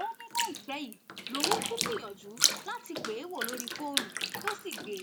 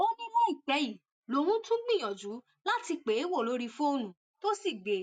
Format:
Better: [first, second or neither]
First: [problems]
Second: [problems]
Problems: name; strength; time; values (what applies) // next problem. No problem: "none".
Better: second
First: background sound (Bathtub (filling or washing)); 4 dB above the speech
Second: none